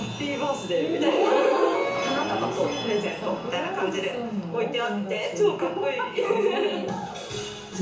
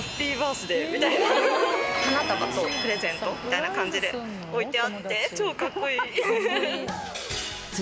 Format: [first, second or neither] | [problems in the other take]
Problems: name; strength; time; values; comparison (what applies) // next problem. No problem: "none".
second | room echo; dies away in 0.8 s